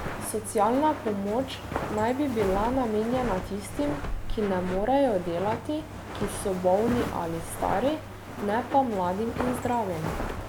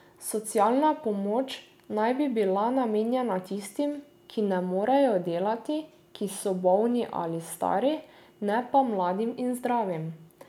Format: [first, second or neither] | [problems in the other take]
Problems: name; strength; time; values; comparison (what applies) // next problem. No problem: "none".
second | background sound (Walk, footsteps); 7 dB below the speech